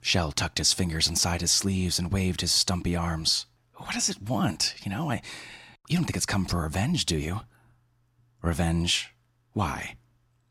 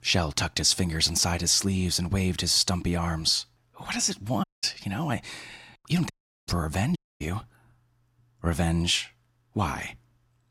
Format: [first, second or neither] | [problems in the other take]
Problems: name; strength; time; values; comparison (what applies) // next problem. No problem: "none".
first | audio cutting out; at 4.5 s, at 6 s and at 7 s